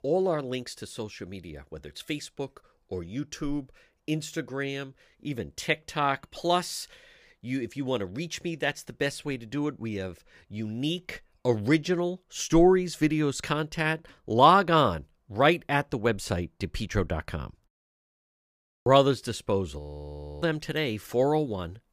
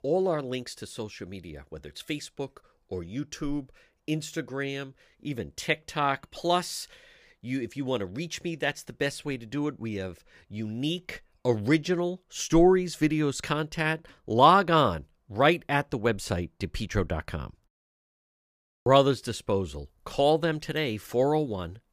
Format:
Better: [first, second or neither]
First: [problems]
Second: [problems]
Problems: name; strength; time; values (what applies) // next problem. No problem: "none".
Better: second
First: audio freezing; at 20 s for 0.5 s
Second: none